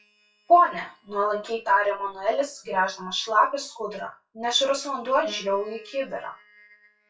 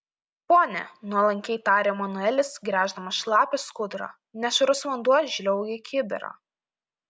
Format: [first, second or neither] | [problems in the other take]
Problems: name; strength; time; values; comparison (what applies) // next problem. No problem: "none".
second | noise reduction (classical method WPE with log-MMSE)